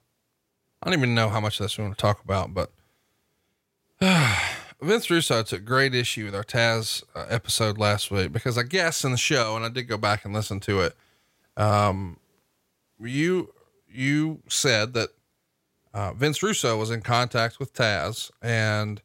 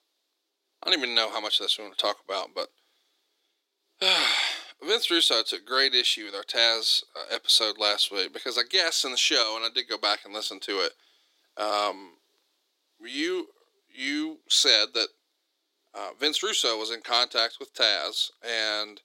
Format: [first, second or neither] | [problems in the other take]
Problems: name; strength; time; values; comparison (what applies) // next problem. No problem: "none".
first | thin; somewhat; fading below 300 Hz